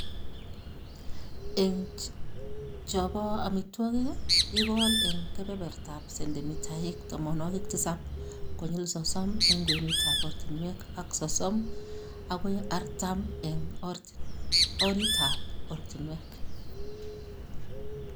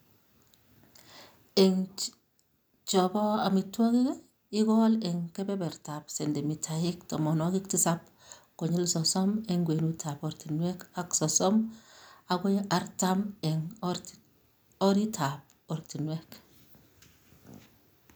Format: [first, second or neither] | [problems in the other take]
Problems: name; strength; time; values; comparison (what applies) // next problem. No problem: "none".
second | background sound (Bird); 2 dB above the speech